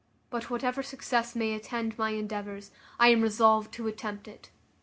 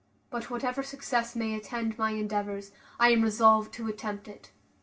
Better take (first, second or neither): first